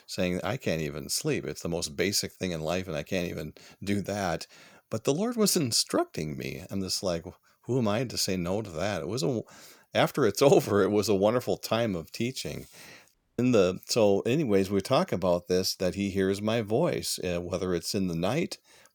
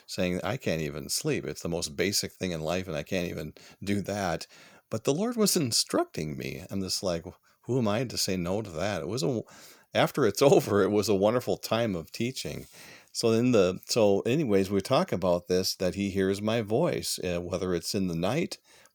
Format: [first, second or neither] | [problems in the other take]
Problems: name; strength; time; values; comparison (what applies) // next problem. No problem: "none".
second | audio cutting out; at 13 s